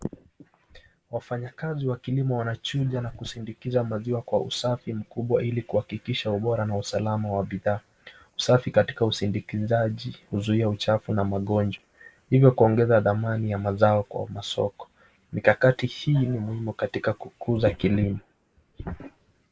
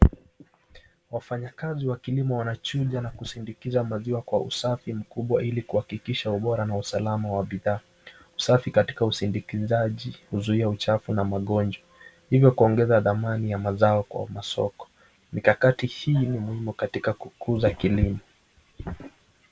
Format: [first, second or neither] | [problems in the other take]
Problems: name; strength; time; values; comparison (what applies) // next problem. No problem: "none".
second | noise reduction (neural mask model Resemble Enhance denoiser)